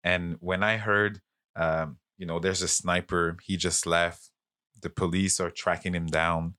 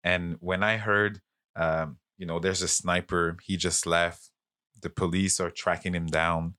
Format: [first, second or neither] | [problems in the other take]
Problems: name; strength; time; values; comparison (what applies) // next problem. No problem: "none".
neither | none